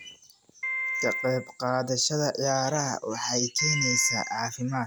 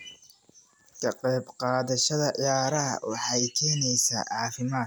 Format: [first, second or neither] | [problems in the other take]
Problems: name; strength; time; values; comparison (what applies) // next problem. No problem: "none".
second | background sound (Piano); 3 dB below the speech